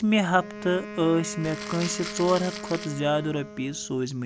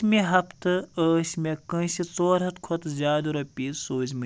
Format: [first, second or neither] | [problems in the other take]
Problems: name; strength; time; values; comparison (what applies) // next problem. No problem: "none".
second | background sound (Crumpling, crinkling + Wind instrument, woodwind instrument); 12 dB below the speech